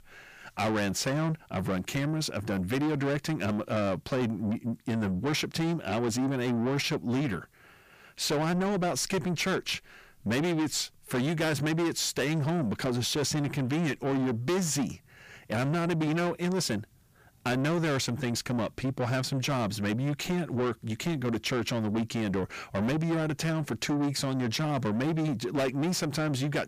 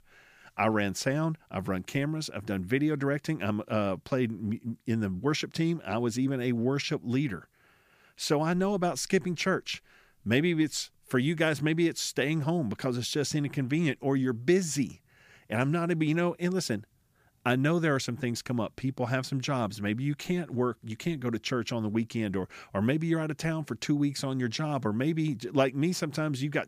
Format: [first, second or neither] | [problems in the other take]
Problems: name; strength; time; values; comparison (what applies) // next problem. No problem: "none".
second | distortion; heavy; 8 dB below the speech